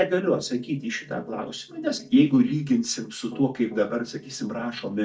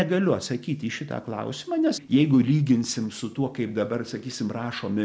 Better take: second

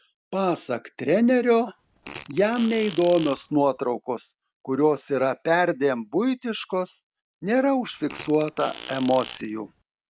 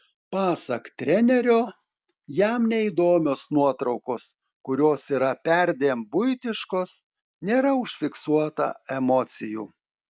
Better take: second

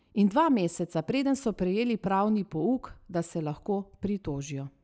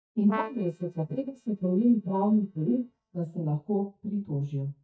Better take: first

